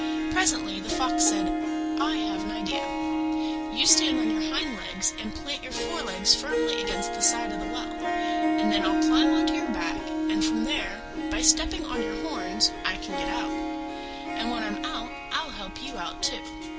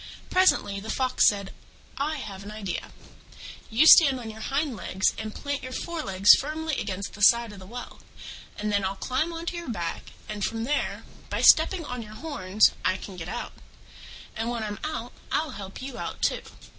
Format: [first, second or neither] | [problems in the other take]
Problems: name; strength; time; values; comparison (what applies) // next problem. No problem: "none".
second | background sound (Harp); 2 dB above the speech